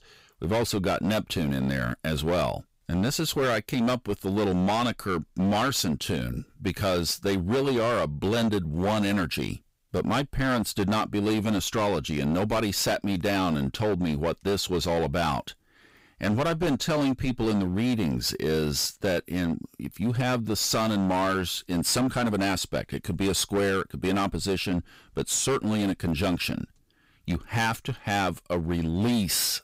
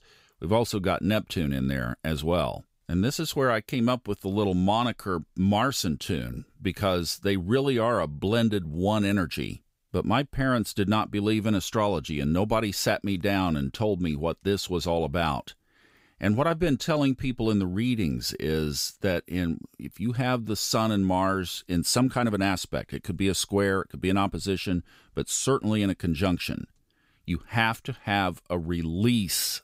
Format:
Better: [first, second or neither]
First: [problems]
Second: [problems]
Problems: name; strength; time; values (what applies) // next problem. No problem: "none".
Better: second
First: distortion; heavy; 16% of the sound clipped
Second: none